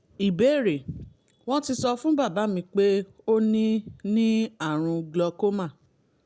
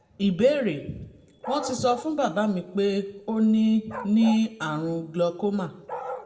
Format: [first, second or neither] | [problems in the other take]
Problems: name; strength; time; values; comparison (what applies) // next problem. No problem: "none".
first | background sound (Bark); 16 dB below the speech // room echo; dies away in 0.6 s